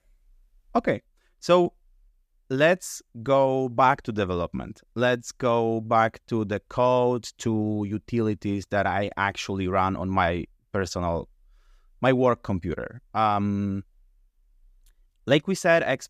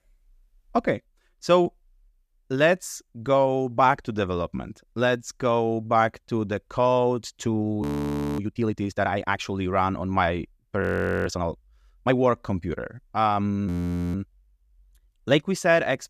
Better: first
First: none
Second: audio freezing; at 8 s for 0.5 s, at 11 s and at 14 s

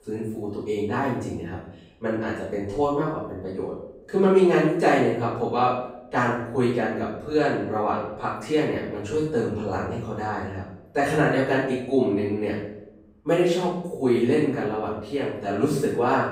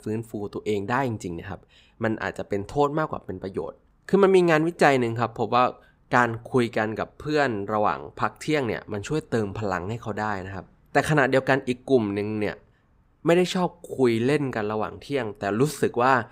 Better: second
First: off-mic speech; far // room echo; noticeable; dies away in 0.6 s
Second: none

